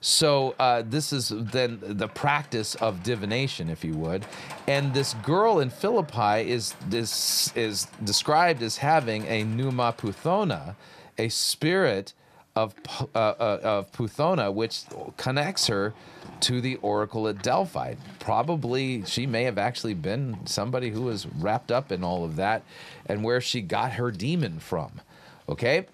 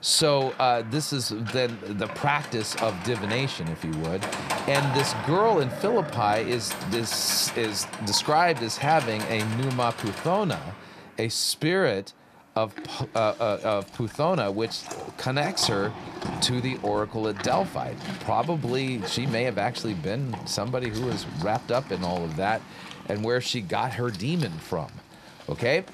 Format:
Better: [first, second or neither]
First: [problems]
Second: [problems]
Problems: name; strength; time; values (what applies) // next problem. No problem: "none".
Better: first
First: animal sounds; faint; throughout; 20 dB below the speech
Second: animal sounds; loud; throughout; 9 dB below the speech